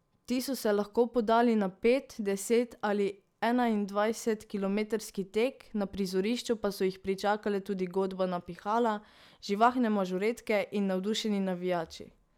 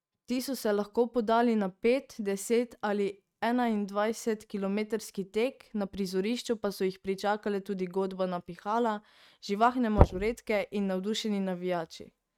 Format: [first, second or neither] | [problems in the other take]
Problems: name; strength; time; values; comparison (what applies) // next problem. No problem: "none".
first | noise reduction (neural mask model RNNoise)